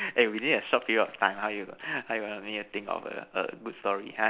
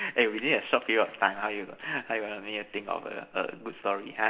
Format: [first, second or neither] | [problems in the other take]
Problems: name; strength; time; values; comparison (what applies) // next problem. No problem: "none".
first | room echo; dies away in 1.9 s